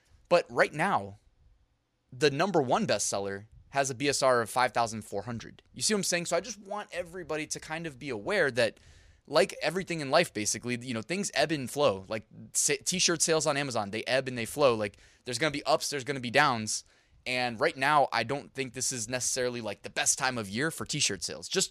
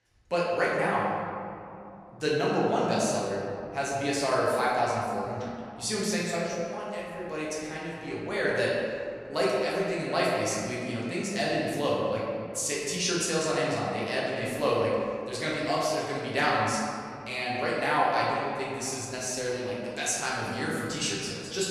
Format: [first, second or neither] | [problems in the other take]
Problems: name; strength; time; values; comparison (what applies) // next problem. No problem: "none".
first | room echo; strong; dies away in 2.4 s // off-mic speech; far